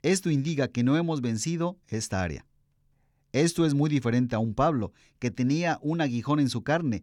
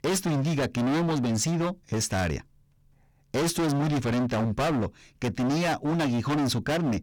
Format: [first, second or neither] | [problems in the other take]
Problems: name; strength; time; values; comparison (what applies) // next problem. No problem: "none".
first | distortion; heavy; 34% of the sound clipped